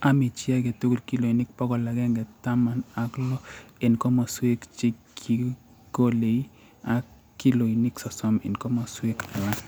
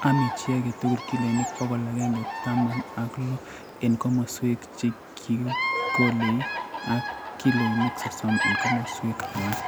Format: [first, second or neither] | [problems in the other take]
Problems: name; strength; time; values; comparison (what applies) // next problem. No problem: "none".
first | background sound (Bird vocalization, bird call, bird song); 5 dB below the speech